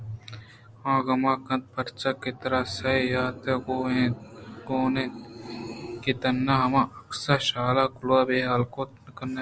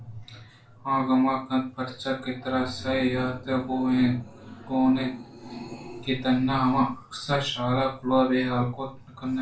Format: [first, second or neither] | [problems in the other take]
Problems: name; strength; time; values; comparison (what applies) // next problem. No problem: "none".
first | room echo; dies away in 0.3 s